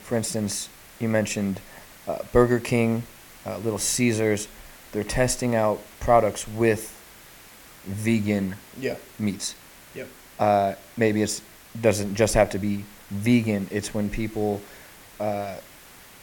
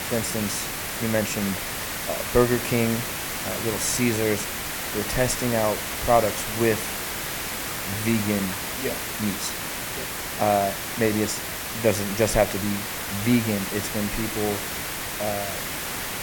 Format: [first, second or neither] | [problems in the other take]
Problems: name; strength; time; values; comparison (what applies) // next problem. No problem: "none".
first | hiss; loud; throughout; 3 dB below the speech; faint in the first